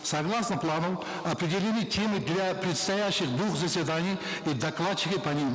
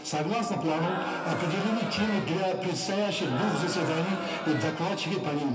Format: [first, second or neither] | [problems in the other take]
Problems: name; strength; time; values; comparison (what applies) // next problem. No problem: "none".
first | background sound (Crowd); 7 dB below the speech // room echo; dies away in 0.3 s